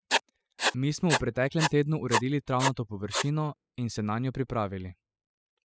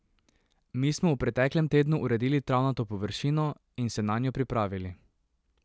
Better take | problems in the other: second | noise reduction (classical method spectral subtraction)

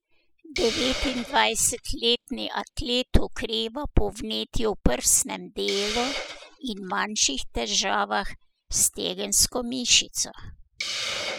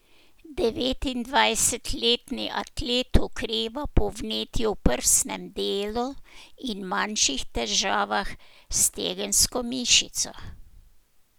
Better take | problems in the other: second | noise reduction (classical method spectral subtraction)

